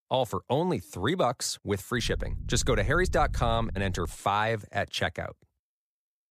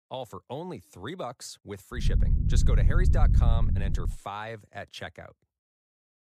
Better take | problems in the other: first | low rumble; loud; from 2 to 4 s; 4 dB below the speech; faint in the first

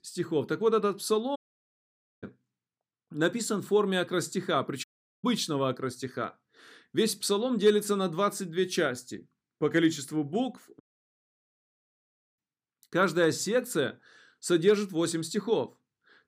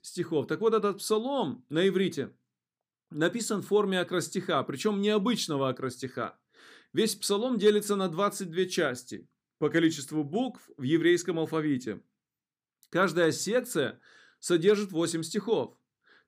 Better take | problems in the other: second | audio cutting out; at 1.5 s for 1 s, at 5 s and at 11 s for 1.5 s

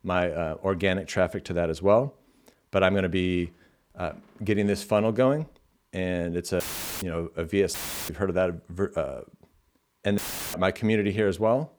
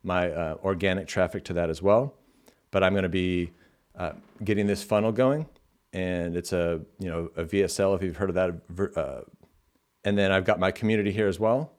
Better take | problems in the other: second | audio cutting out; filled with static; at 6.5 s, at 7.5 s and at 10 s

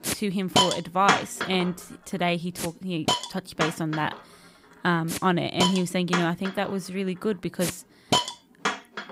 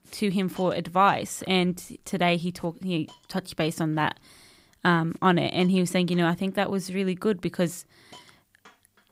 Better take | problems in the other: second | hiss; loud; throughout; 1 dB below the speech; faint in the second

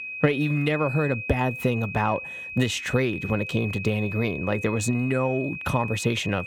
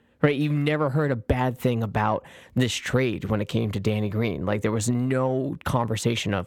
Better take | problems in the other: second | high-pitched whine; loud; throughout; 2.5 kHz, 8 dB below the speech

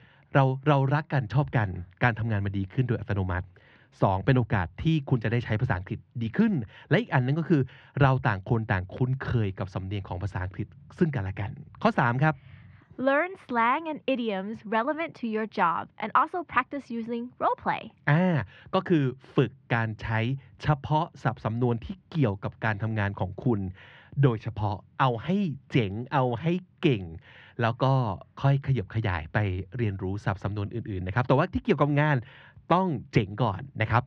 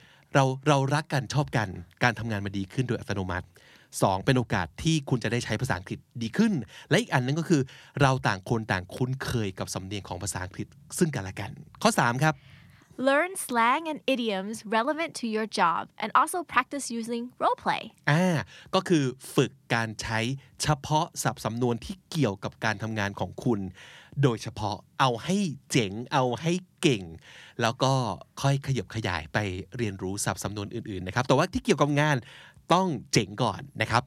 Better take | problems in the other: second | muffled; very; fading above 2.5 kHz

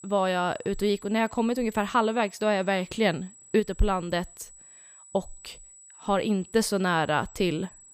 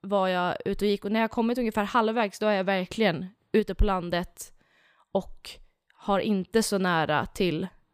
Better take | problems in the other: second | high-pitched whine; faint; throughout; 8 kHz, 20 dB below the speech

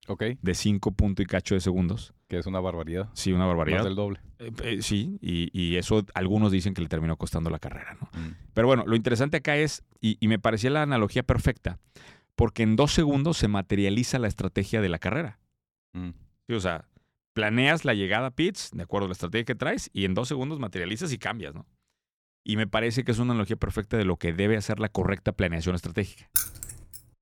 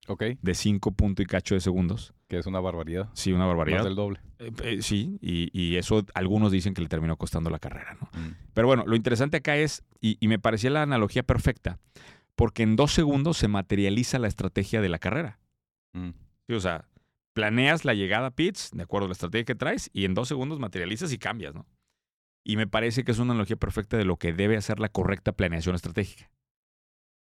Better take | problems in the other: second | jangling keys; loud; at 26 s; peak 1 dB above the speech

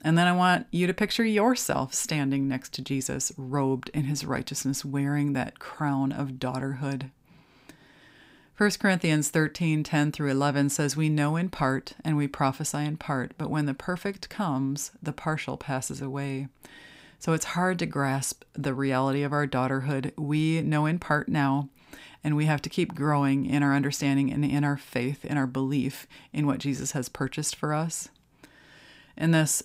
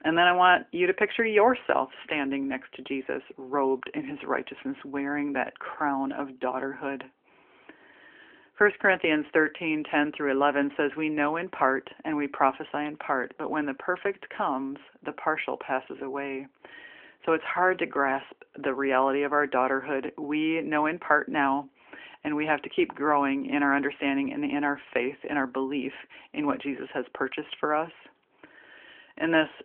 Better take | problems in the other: first | phone-call audio; nothing above 3 kHz

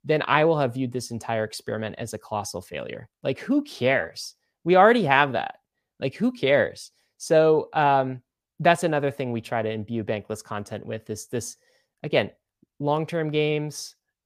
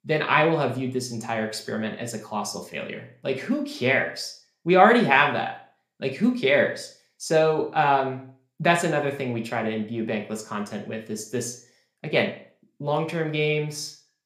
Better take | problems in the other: first | room echo; very slight; dies away in 0.4 s

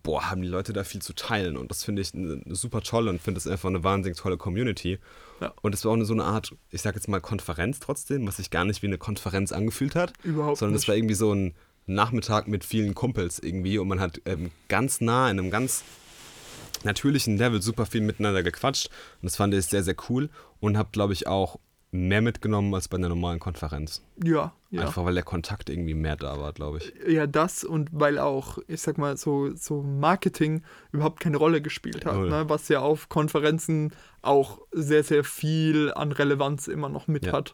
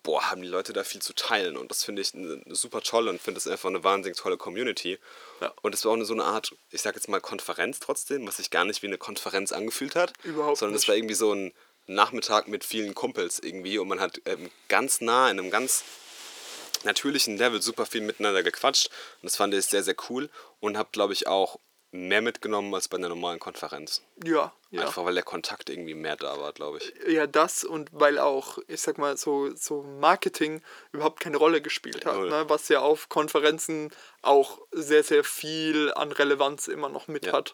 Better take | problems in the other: first | thin; somewhat; fading below 350 Hz

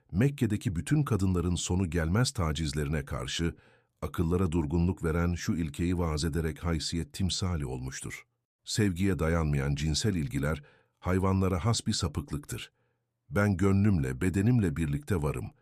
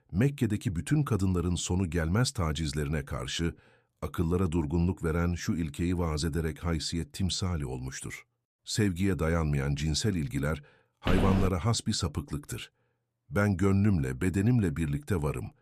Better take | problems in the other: first | footsteps; noticeable; at 11 s; peak 1 dB below the speech

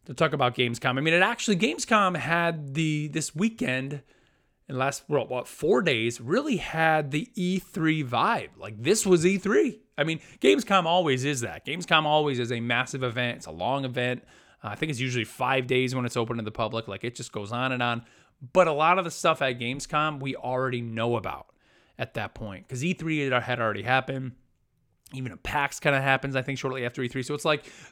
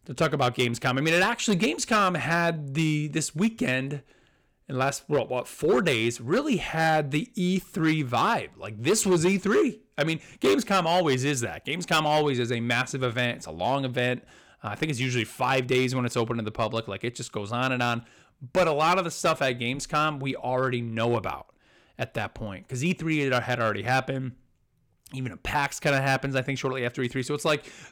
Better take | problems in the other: first | distortion; slight; 4% of the sound clipped

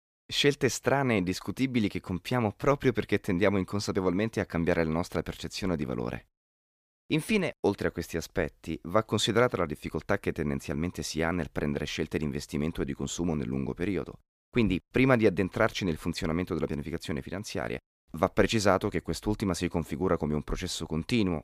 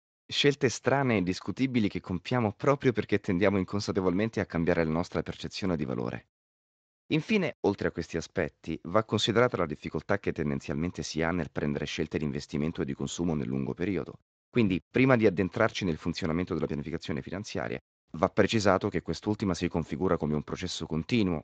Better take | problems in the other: first | garbled, watery; slightly; nothing above 7.5 kHz

